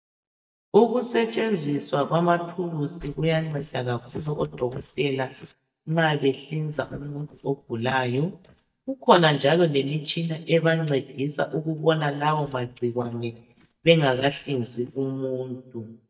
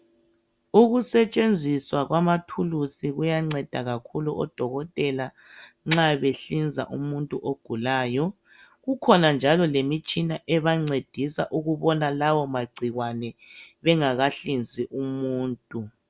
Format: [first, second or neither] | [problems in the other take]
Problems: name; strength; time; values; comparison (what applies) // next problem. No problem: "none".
second | noise reduction (neural mask model DeepFilterNet 3)